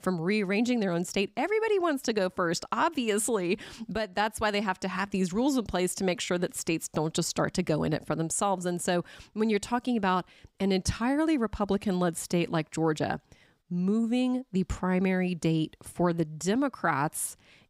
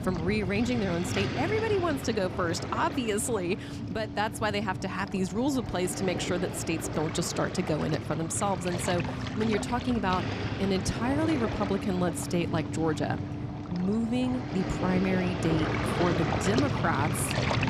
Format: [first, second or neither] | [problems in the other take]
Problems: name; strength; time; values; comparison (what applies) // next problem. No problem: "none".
first | rain or running water; loud; throughout; 3 dB below the speech